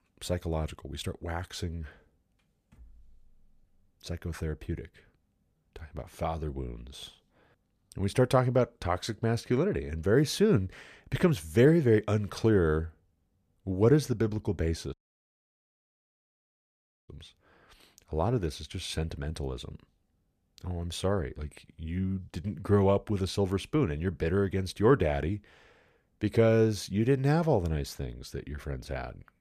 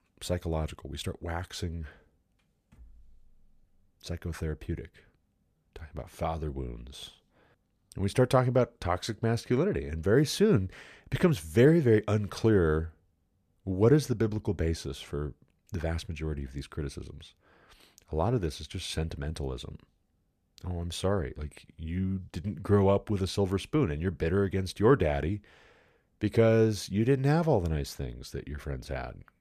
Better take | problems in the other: second | audio cutting out; at 15 s for 2 s

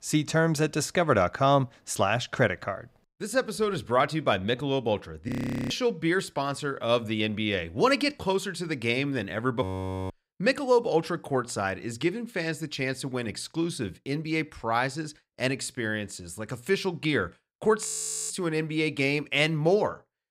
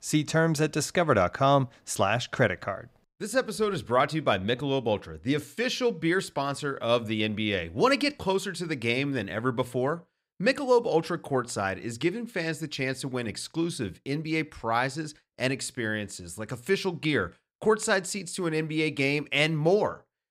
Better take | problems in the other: second | audio freezing; at 5.5 s, at 9.5 s and at 18 s

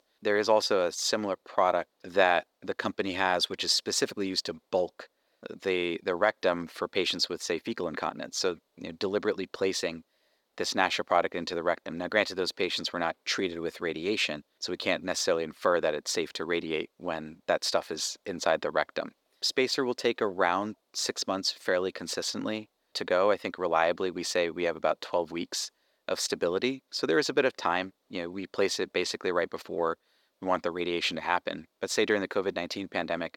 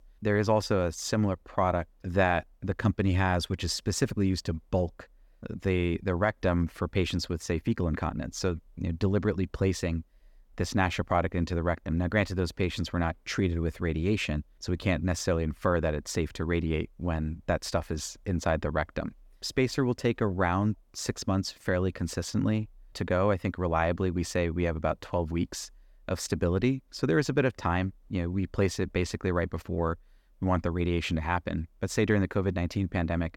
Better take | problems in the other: second | thin; somewhat; fading below 450 Hz

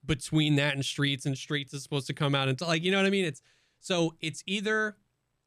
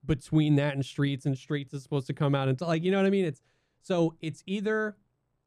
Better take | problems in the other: first | muffled; slightly; fading above 1.5 kHz

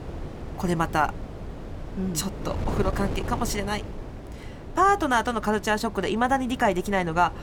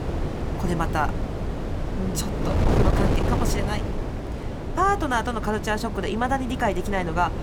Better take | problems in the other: first | wind noise on the microphone; heavy; 6 dB below the speech; occasional gusts in the first

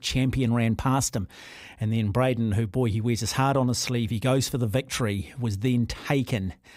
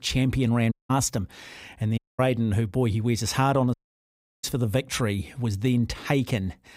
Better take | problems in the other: first | audio cutting out; at 0.5 s, at 2 s and at 3.5 s for 0.5 s

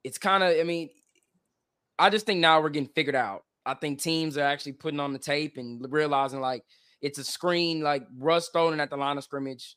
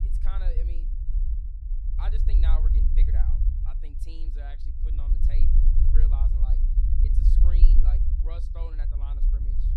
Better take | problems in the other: first | low rumble; very loud; throughout; as loud as the speech

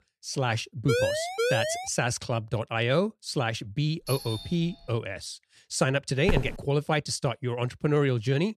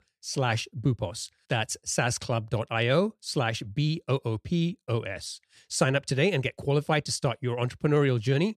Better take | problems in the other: second | siren; loud; at 1 s; peak 1 dB above the speech // doorbell; noticeable; at 4 s; peak 7 dB below the speech // footsteps; noticeable; at 6.5 s; peak 3 dB below the speech

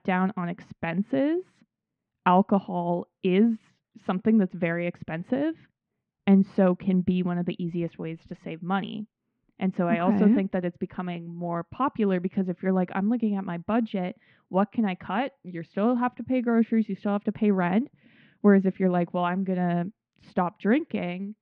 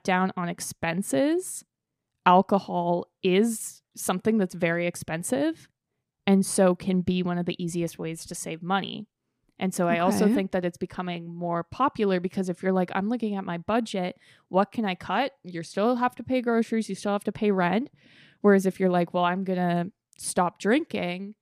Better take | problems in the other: second | muffled; very; fading above 3 kHz

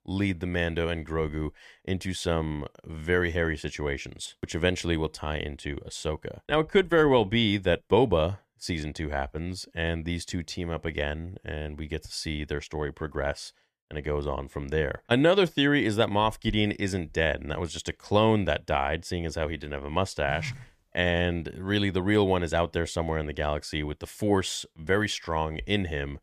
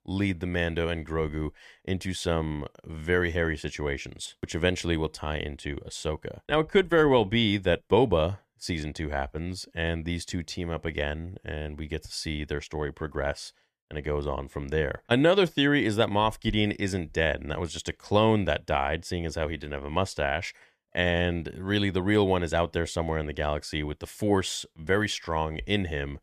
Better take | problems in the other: second | phone ringing; faint; at 20 s; peak 10 dB below the speech

